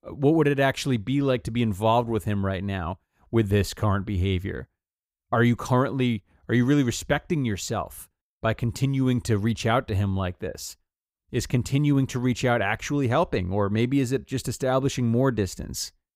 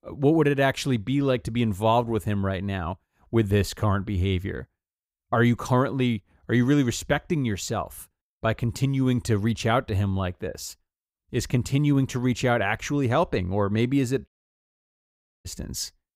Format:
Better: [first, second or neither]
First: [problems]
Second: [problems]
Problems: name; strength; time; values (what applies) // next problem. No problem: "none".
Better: first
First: none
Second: audio cutting out; at 14 s for 1 s